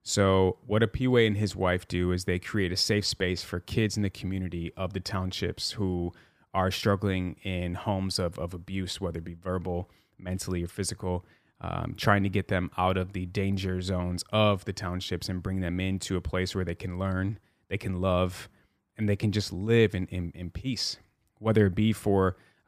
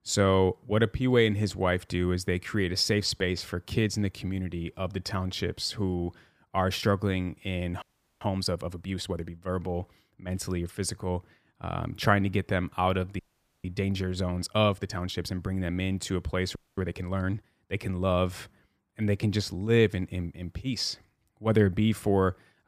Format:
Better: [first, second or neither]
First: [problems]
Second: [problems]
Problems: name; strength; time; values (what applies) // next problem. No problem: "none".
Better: first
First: none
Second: audio freezing; at 8 s, at 13 s and at 17 s